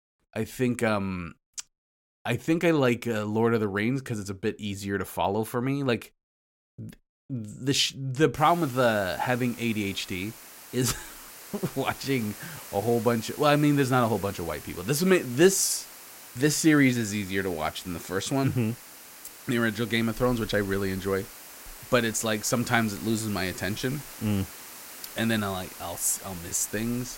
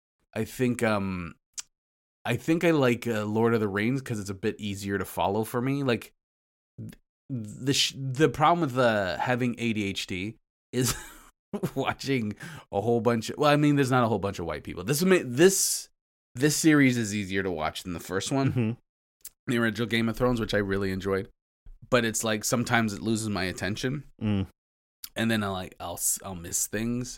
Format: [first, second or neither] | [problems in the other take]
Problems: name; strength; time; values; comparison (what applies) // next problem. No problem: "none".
second | hiss; noticeable; from 8.5 s on; 15 dB below the speech